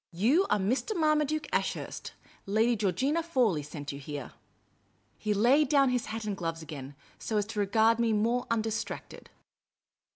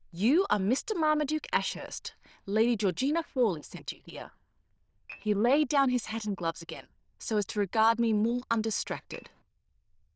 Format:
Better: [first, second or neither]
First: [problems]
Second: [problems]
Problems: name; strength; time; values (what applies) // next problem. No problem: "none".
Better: first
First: none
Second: noise reduction (neural diffusion model UNIVERSE++)